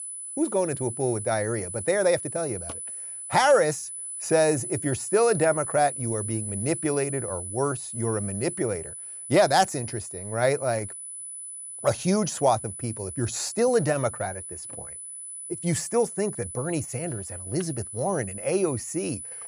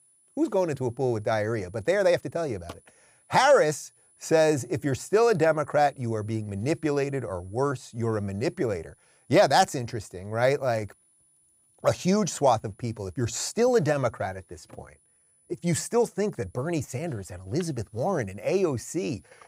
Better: second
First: high-pitched whine; loud; throughout; 10 kHz, 8 dB below the speech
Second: high-pitched whine; faint; throughout; 10 kHz, 35 dB below the speech

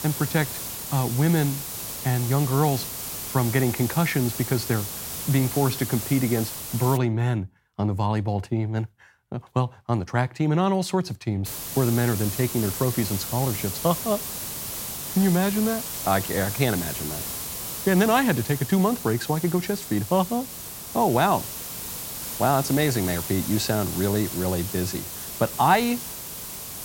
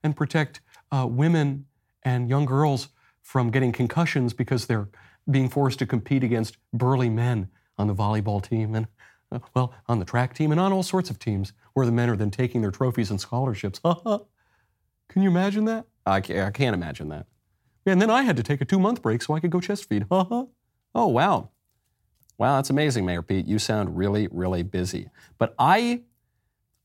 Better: second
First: hiss; loud; until 7 s and from 11 s on; 6 dB below the speech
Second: none

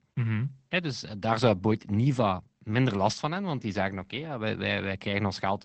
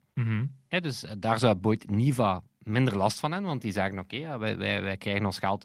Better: second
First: garbled, watery; badly; nothing above 8 kHz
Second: garbled, watery; slightly; nothing above 16 kHz

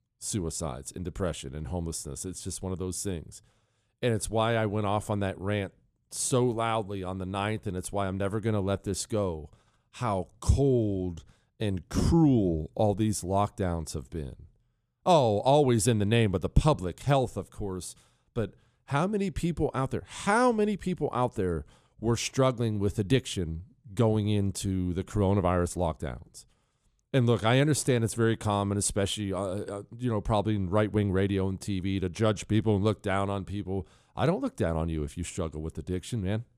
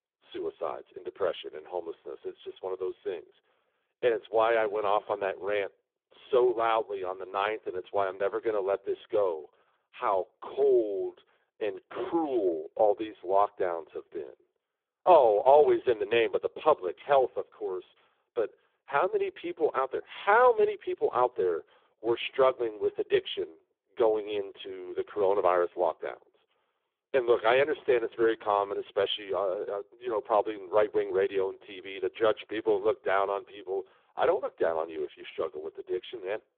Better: first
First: none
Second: phone-call audio; poor line; nothing above 3.5 kHz

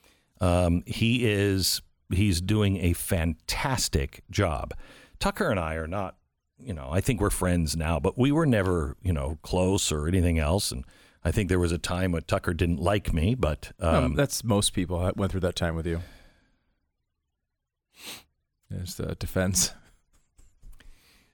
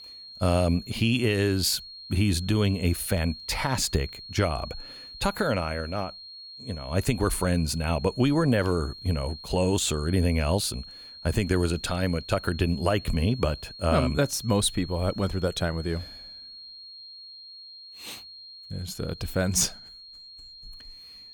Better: first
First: none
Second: high-pitched whine; noticeable; throughout; 4 kHz, 15 dB below the speech

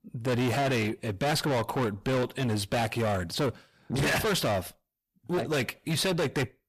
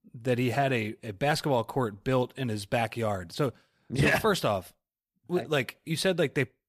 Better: second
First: distortion; heavy; 6 dB below the speech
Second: none

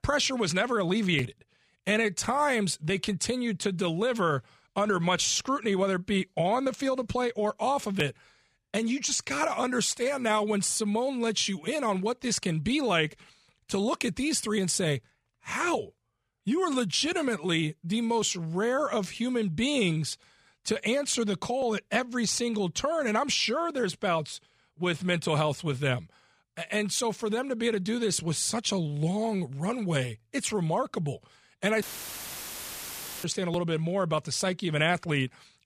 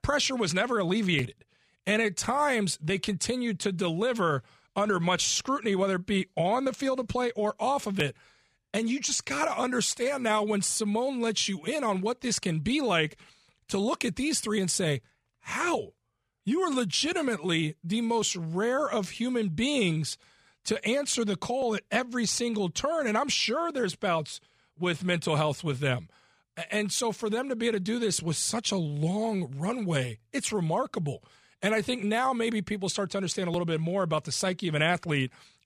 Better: second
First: audio cutting out; filled with static; at 32 s for 1.5 s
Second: none

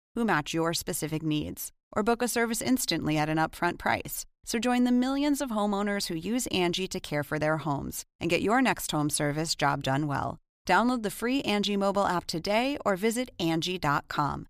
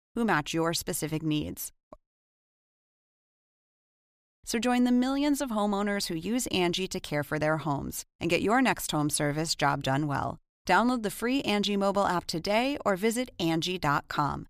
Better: first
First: none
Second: audio cutting out; at 2 s for 2.5 s

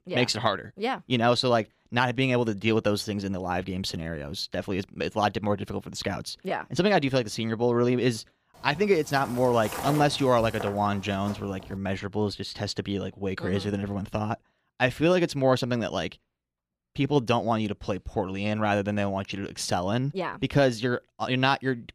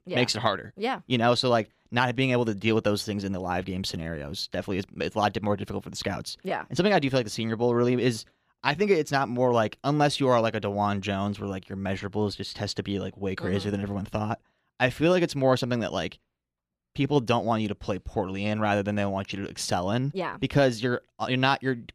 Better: second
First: footsteps; noticeable; from 8.5 to 12 s; peak 6 dB below the speech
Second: none

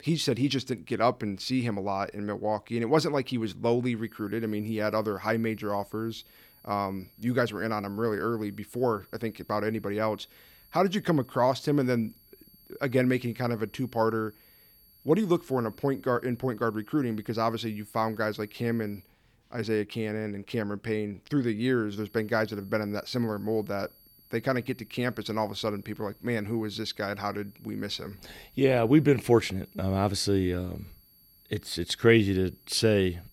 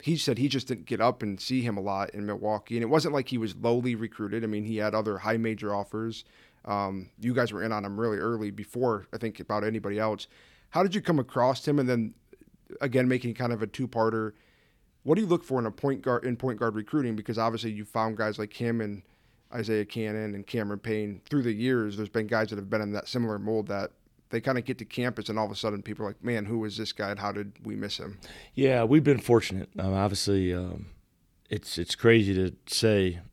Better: second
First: high-pitched whine; faint; from 4 to 19 s and from 22 s on; 11.5 kHz, 30 dB below the speech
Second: none

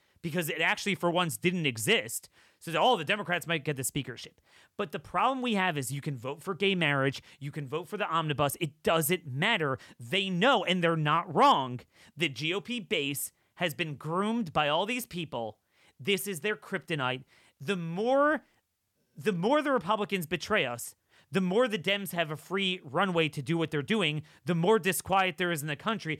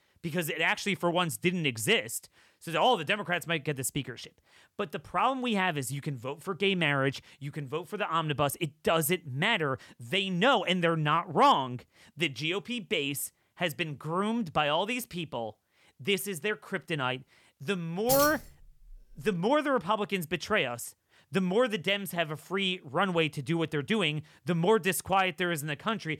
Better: first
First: none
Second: jangling keys; noticeable; from 18 to 19 s; peak level with the speech

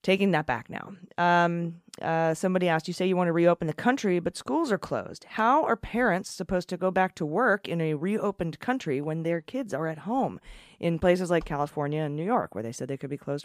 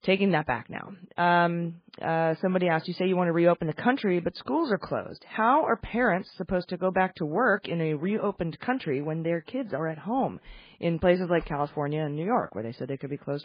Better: first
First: none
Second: garbled, watery; badly; nothing above 4.5 kHz

